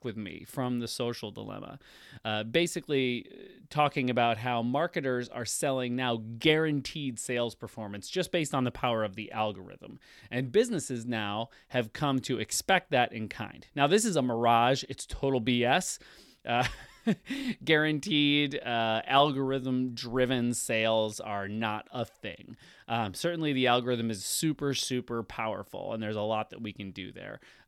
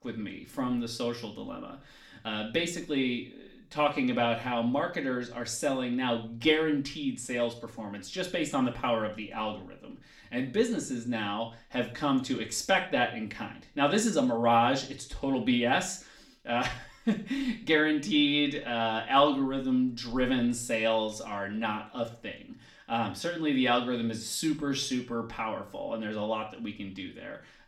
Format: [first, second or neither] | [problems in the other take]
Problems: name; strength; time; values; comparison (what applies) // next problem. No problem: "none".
first | room echo; slight; dies away in 0.4 s // off-mic speech; far